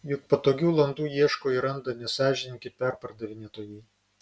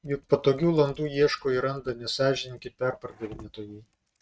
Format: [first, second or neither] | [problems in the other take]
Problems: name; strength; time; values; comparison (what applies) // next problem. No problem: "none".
first | noise reduction (neural mask model RNNoise)